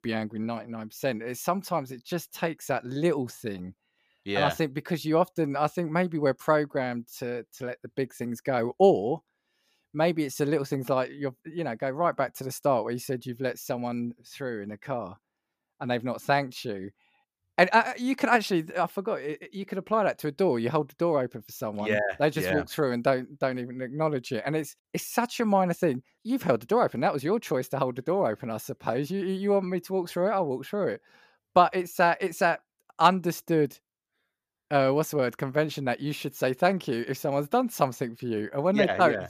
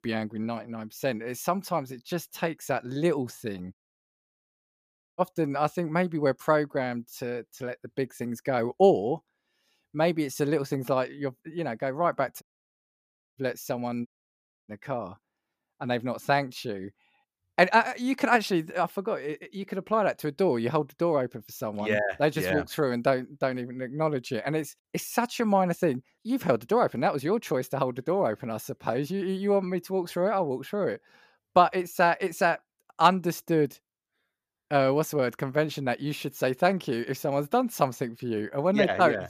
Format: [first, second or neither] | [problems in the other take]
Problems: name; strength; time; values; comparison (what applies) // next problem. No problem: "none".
first | audio cutting out; at 3.5 s for 1.5 s, at 12 s for 1 s and at 14 s for 0.5 s